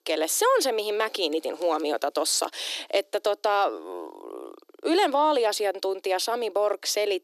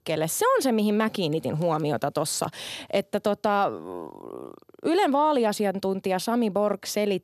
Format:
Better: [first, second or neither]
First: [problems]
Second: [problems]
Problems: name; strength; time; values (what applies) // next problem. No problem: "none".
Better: second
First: thin; somewhat; fading below 300 Hz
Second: none